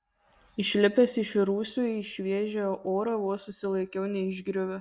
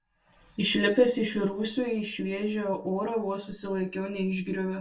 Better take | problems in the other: first | room echo; dies away in 0.2 s

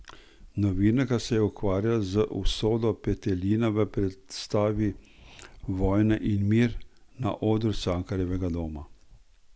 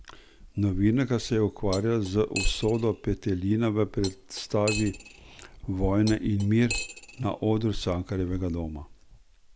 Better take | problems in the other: first | background sound (Cutlery, silverware); 13 dB below the speech

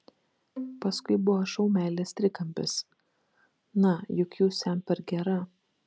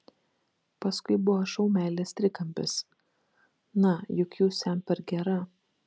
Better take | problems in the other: second | background sound (Bowed string instrument); 15 dB below the speech

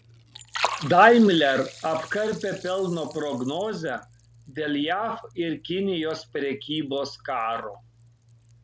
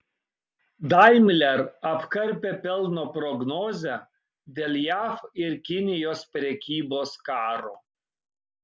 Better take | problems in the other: second | background sound (Liquid); 15 dB below the speech

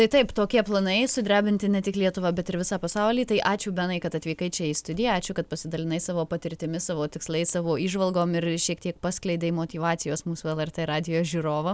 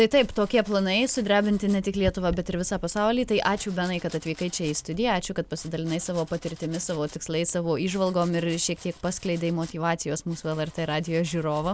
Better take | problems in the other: first | background sound (Domestic sounds, home sounds); 19 dB below the speech

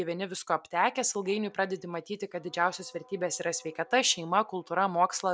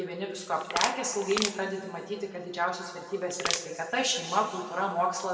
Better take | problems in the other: first | background sound (Crushing); 3 dB below the speech // room echo; dies away in 2 s

